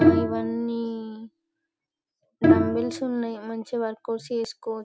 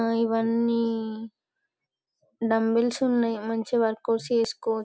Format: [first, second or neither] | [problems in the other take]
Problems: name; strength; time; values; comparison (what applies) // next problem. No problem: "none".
second | background sound (Bowed string instrument); 3 dB above the speech